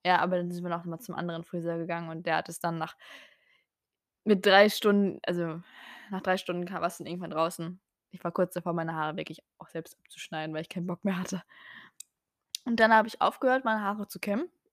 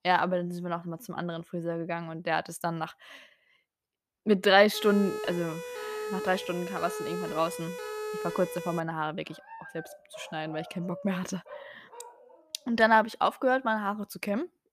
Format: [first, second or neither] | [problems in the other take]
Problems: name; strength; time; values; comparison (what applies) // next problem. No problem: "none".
first | siren; noticeable; from 4.5 to 9 s; peak 6 dB below the speech // dog barking; faint; from 9.5 to 13 s; peak 15 dB below the speech